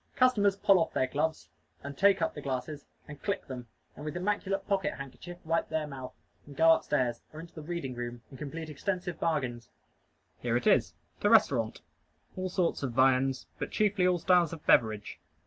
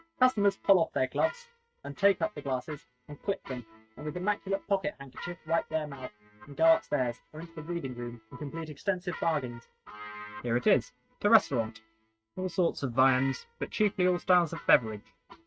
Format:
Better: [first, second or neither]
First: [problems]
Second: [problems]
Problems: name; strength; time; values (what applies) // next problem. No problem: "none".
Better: first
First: none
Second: noise reduction (neural mask model RNNoise)